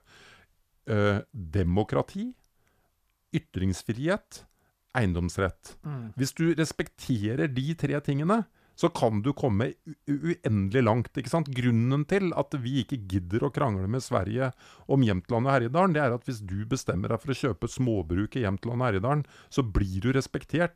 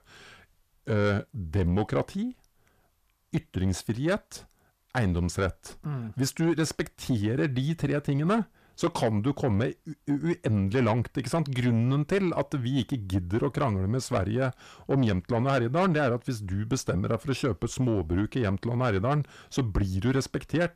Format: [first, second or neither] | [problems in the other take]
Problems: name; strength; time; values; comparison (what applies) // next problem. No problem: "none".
first | distortion; slight; 10 dB below the speech